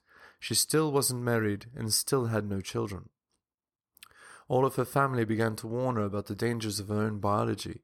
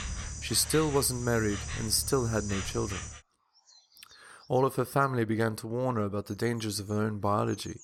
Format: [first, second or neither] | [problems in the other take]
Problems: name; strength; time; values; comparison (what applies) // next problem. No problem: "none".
first | animal sounds; loud; throughout; 9 dB below the speech